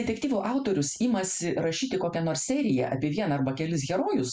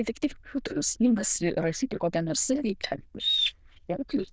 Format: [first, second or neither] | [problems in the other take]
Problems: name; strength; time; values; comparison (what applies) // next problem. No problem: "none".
first | noise reduction (neural diffusion model UNIVERSE++)